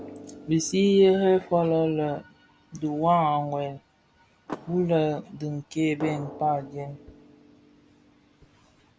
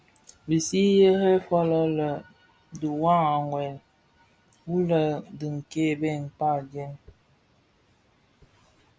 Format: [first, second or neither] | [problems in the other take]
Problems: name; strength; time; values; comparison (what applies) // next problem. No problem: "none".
second | background sound (Car + Drum); 19 dB below the speech